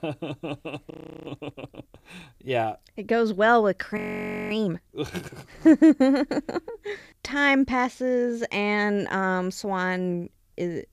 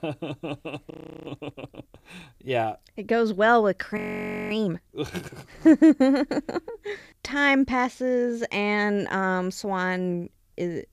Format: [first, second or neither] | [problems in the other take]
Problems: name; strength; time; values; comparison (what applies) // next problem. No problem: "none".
neither | audio freezing; at 1 s and at 4 s for 0.5 s; the same in both